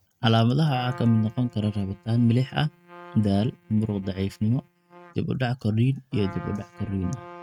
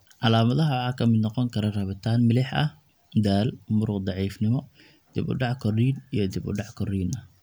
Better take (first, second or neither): second